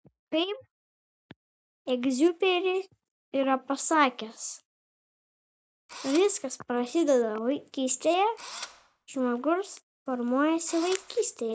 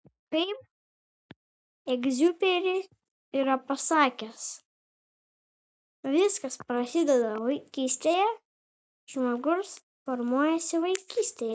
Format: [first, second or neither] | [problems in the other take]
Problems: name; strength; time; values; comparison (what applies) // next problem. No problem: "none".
second | background sound (Engine / Drill); 14 dB below the speech